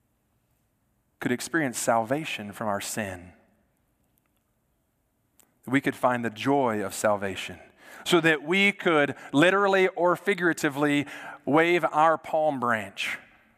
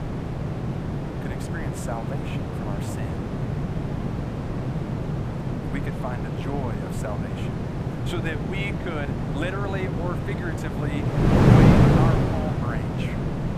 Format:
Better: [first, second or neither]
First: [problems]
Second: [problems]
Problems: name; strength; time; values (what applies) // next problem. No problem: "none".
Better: first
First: none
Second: wind noise on the microphone; heavy; 4 dB above the speech